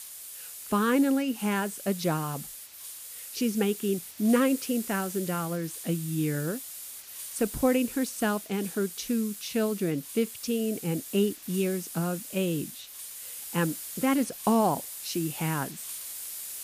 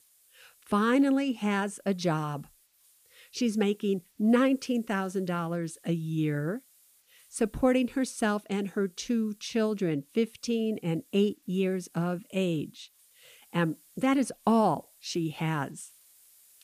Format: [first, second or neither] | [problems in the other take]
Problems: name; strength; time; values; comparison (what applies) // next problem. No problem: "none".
second | hiss; loud; throughout; 9 dB below the speech; faint in the second